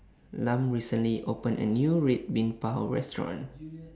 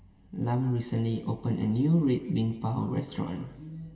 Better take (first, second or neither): first